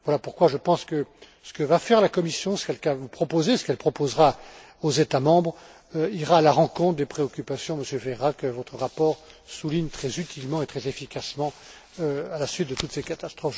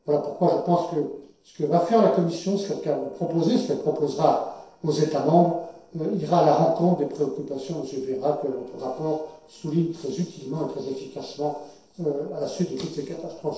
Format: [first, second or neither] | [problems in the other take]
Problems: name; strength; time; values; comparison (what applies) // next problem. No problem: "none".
first | noise reduction (neural separator model SepFormer DNS4)